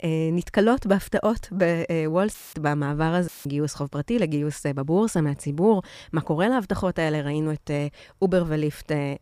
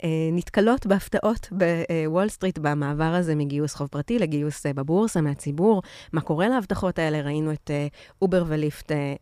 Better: second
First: audio cutting out; filled with static; at 2.5 s and at 3.5 s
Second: none

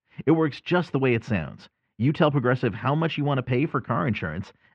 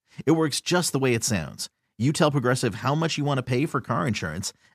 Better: second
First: muffled; very; fading above 3 kHz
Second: none

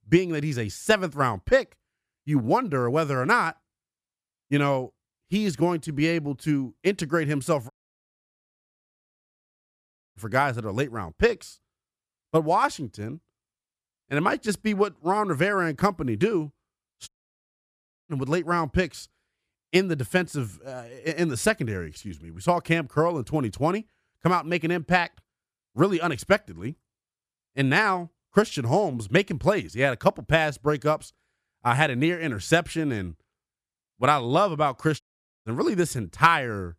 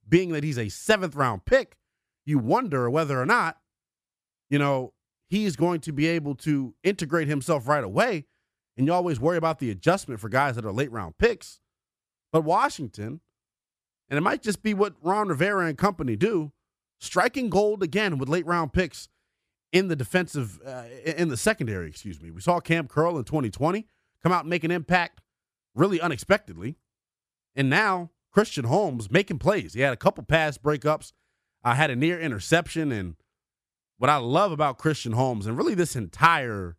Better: second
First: audio cutting out; at 7.5 s for 2.5 s, at 17 s for 1 s and at 35 s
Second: none

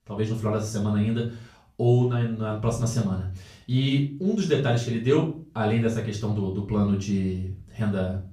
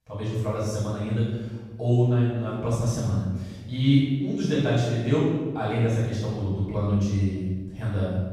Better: first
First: room echo; slight; dies away in 0.3 s // off-mic speech; far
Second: room echo; strong; dies away in 1.2 s // off-mic speech; far

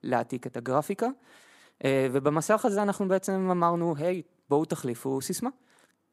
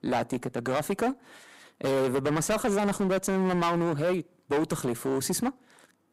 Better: first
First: none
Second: distortion; heavy; 16% of the sound clipped

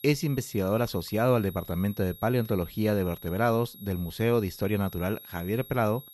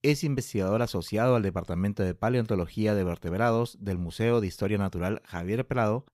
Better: second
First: high-pitched whine; noticeable; throughout; 11.5 kHz, 15 dB below the speech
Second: none

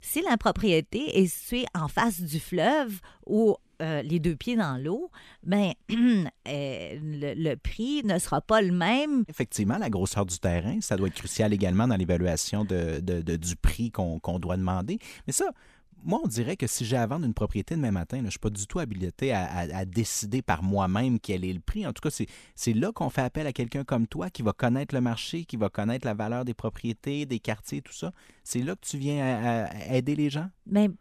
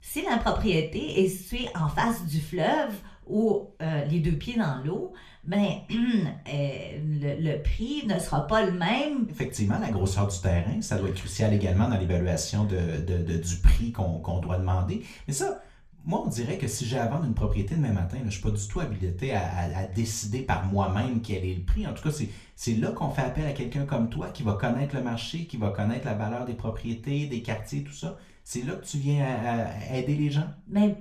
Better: first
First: none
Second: room echo; very slight; dies away in 0.3 s // off-mic speech; somewhat distant

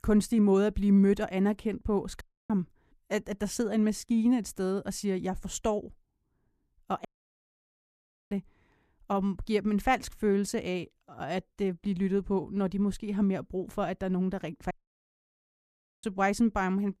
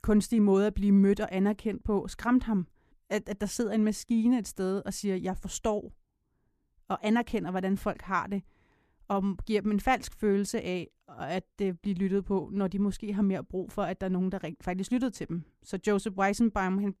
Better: second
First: audio cutting out; at 2 s, at 7 s for 1.5 s and at 15 s for 1.5 s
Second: none

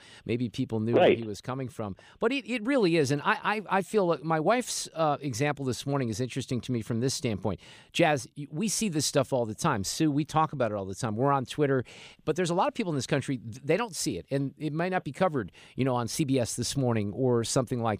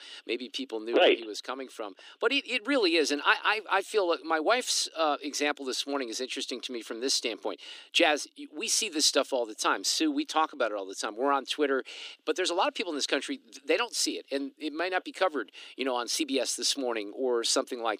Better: first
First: none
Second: thin; somewhat; fading below 300 Hz

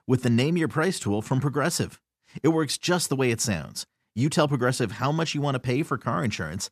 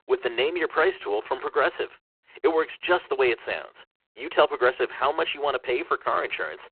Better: first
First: none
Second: phone-call audio; poor line

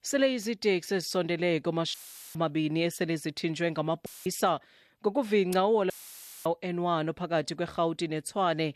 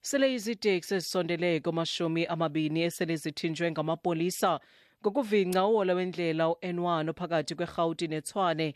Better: second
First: audio cutting out; filled with static; at 2 s, at 4 s and at 6 s for 0.5 s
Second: none

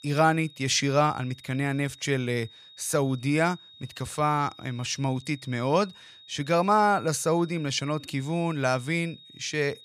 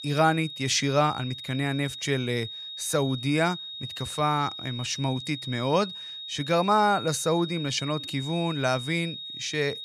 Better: first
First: high-pitched whine; faint; throughout; 3.5 kHz, 20 dB below the speech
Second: high-pitched whine; loud; throughout; 3.5 kHz, 9 dB below the speech

